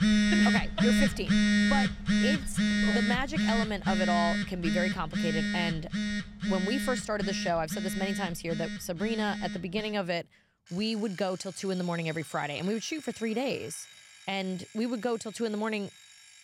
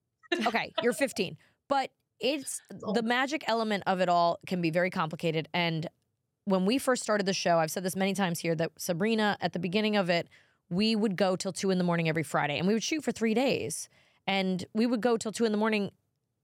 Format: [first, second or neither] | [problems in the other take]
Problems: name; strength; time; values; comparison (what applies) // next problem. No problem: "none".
second | alarms or sirens; very loud; throughout; 4 dB above the speech